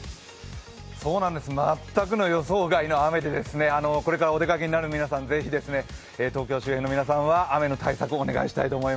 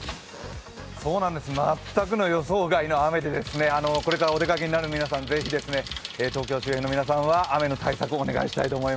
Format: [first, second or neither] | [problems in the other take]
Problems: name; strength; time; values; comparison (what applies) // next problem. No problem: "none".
first | background sound (Bicycle); 15 dB below the speech